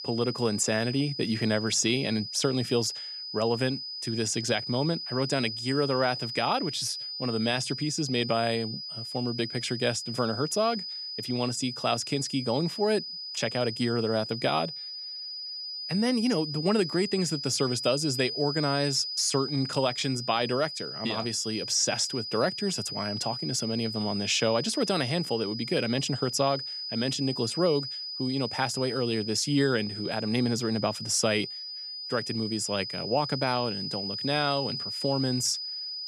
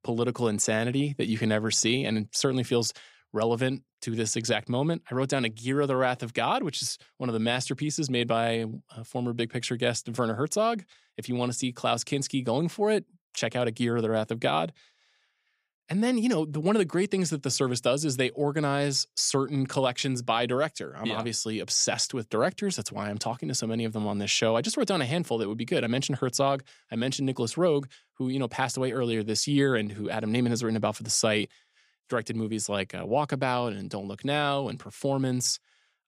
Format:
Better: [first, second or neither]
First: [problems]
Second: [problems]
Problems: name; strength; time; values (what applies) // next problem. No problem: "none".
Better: second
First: high-pitched whine; loud; throughout; 5 kHz, 6 dB below the speech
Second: none